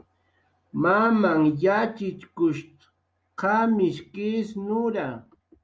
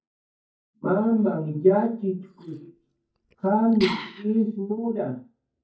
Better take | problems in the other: first | noise reduction (neural mask model DeepFilterNet 3)

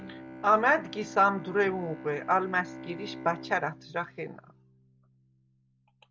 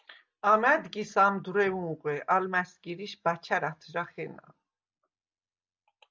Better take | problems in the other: second | background sound (Bowed string instrument); 15 dB below the speech

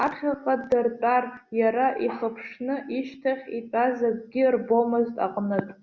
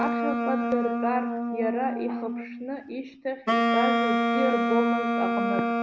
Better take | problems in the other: first | background sound (Wind instrument, woodwind instrument); 4 dB above the speech

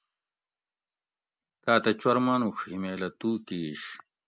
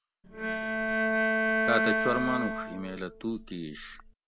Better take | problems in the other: first | background sound (Bowed string instrument); 4 dB above the speech

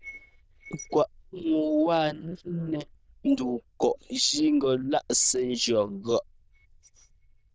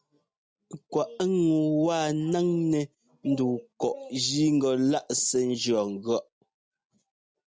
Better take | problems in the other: second | noise reduction (neural diffusion model UNIVERSE++)

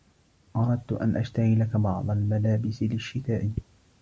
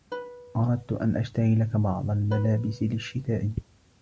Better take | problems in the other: first | background sound (Plucked string instrument); 17 dB below the speech

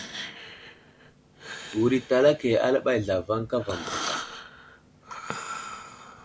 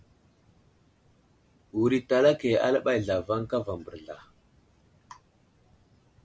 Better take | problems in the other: second | background sound (Breathing); 11 dB below the speech

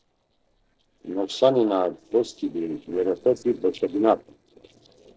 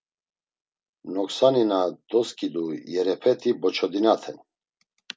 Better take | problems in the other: second | noise reduction (neural separator model SepFormer DNS4)

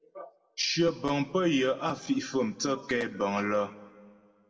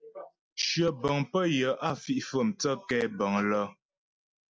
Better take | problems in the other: second | room echo; dies away in 1.1 s

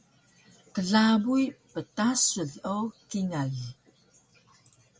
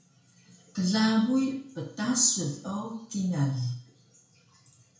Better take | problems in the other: first | room echo; dies away in 0.5 s

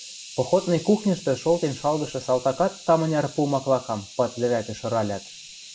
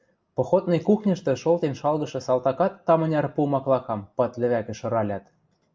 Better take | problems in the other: second | background sound (Hiss); 17 dB below the speech

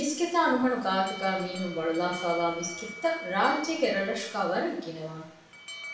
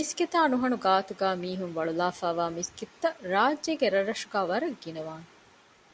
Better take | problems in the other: second | background sound (Alarm); 14 dB below the speech // room echo; dies away in 0.7 s

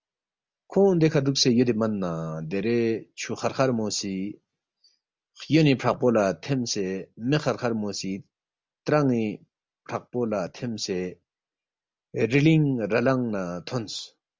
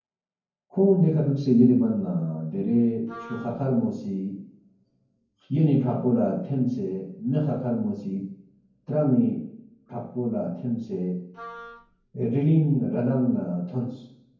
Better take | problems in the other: first | background sound (Wind instrument, woodwind instrument); 18 dB below the speech // room echo; dies away in 0.9 s

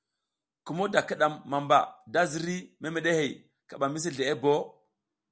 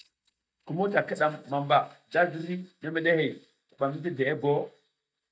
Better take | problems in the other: first | noise reduction (neural mask model DeepFilterNet 3)

